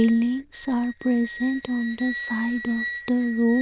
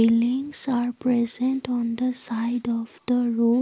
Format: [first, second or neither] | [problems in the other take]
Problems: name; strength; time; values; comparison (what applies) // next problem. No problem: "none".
second | noise reduction (neural diffusion model UNIVERSE++)